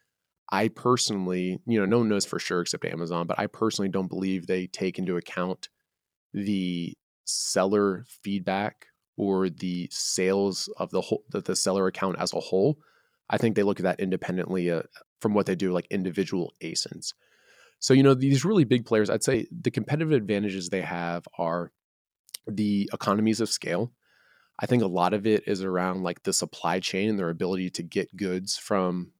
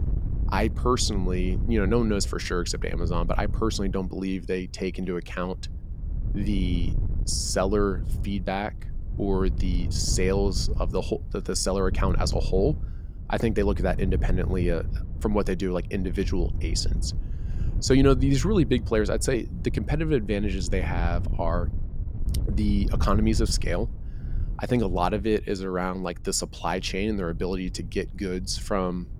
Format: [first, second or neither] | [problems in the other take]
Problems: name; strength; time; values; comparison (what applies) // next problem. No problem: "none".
first | wind noise on the microphone; occasional gusts; 15 dB below the speech